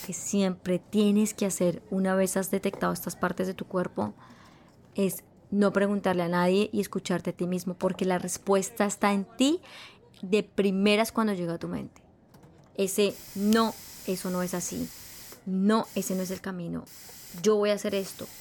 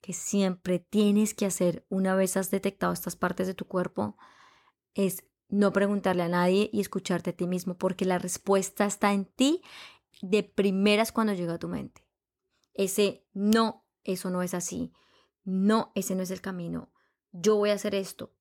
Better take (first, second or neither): second